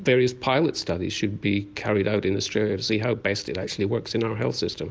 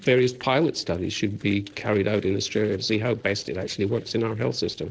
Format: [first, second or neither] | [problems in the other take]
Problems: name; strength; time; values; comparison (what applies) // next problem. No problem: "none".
first | noise reduction (neural separator model SepFormer DNS4)